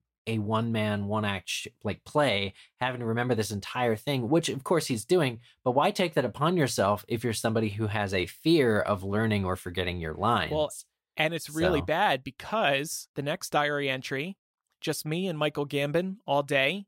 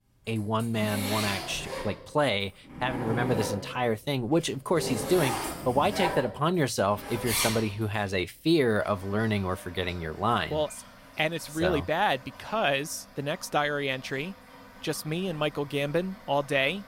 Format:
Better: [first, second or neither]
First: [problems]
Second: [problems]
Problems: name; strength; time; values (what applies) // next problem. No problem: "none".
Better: first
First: none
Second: household noises; loud; throughout; 5 dB below the speech